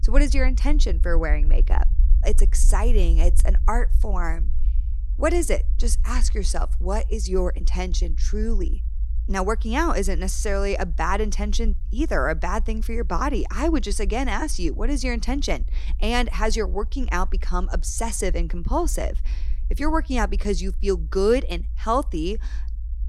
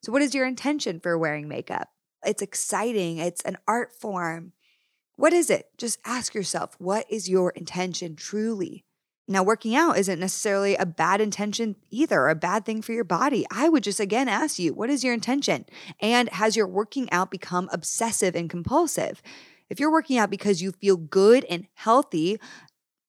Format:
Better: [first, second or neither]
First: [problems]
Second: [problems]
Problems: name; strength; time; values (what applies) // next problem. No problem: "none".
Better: second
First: low rumble; faint; throughout; 25 dB below the speech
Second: none